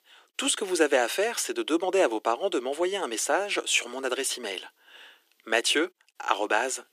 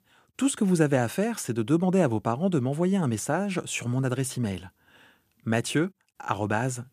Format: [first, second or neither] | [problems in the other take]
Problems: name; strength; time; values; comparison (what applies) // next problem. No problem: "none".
second | thin; very; fading below 350 Hz